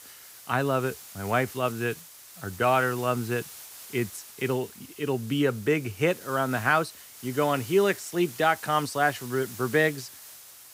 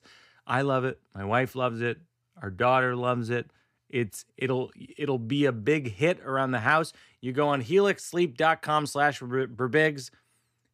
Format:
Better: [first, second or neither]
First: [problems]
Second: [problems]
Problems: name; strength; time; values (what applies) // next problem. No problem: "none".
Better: second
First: hiss; noticeable; throughout; 15 dB below the speech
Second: none